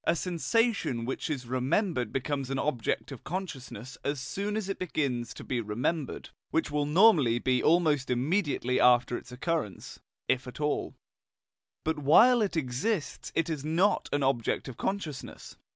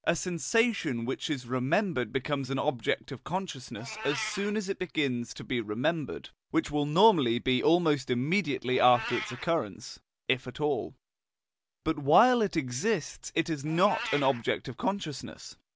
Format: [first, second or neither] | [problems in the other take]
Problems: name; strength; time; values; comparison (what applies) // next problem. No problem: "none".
first | background sound (Meow); 17 dB below the speech